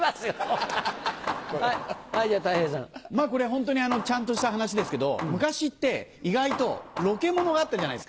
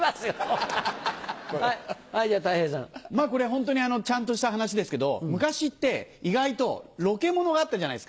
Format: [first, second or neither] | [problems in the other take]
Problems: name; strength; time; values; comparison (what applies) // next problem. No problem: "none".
second | background sound (Hammer); 10 dB below the speech